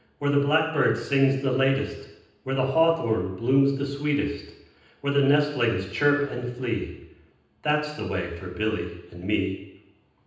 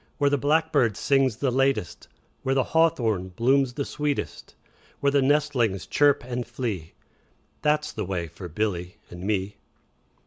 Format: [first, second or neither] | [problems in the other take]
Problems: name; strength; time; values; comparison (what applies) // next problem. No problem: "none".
second | room echo; dies away in 0.9 s